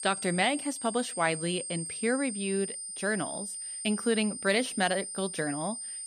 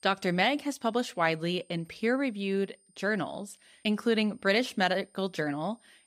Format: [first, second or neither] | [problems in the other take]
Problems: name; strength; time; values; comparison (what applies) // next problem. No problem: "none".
second | high-pitched whine; loud; throughout; 9 kHz, 5 dB below the speech; faint in the second